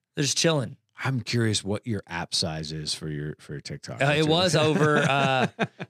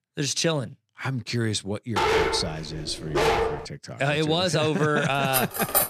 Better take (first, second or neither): first